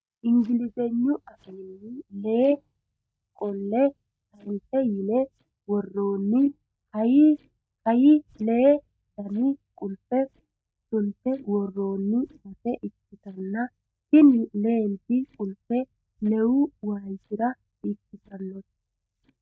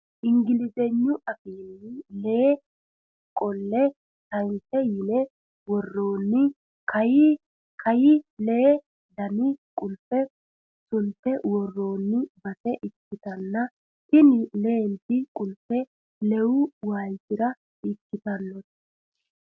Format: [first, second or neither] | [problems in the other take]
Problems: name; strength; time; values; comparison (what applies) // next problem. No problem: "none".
second | noise reduction (neural mask model DeepFilterNet 3)